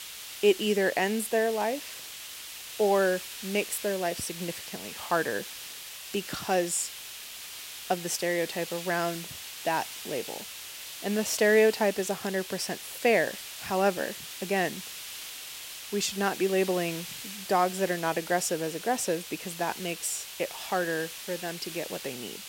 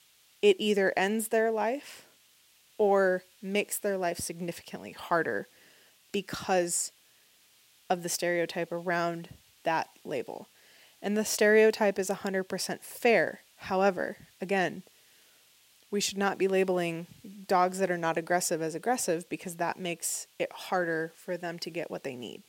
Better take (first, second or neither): second